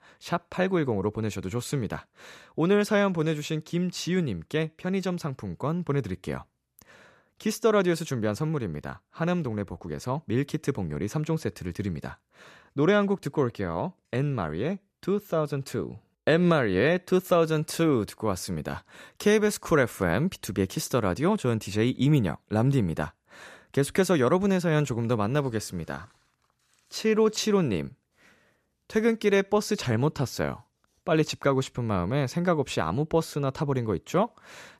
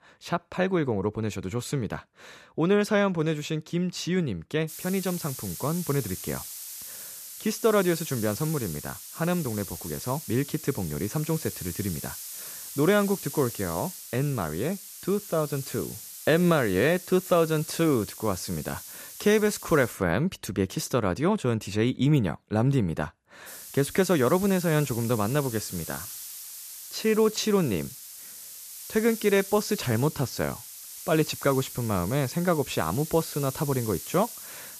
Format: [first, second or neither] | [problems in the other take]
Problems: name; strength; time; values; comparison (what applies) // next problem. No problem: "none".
first | hiss; noticeable; from 4.5 to 20 s and from 23 s on; 10 dB below the speech